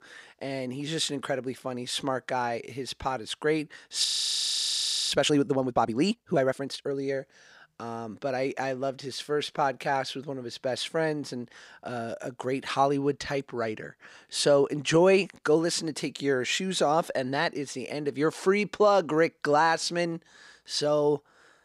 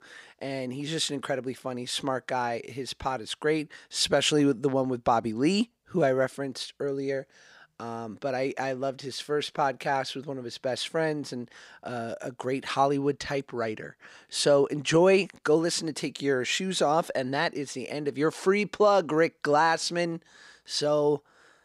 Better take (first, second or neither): second